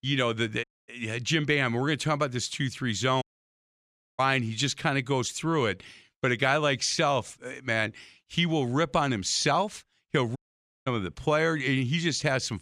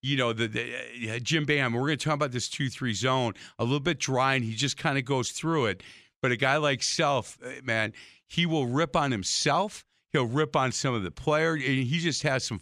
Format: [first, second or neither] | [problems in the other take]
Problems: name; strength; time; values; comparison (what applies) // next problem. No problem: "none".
second | audio cutting out; at 0.5 s, at 3 s for 1 s and at 10 s for 0.5 s